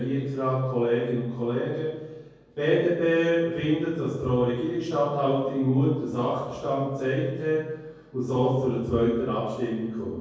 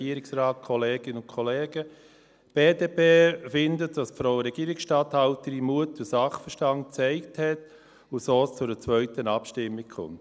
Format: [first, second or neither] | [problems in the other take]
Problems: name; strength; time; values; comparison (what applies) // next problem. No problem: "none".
second | room echo; dies away in 1.3 s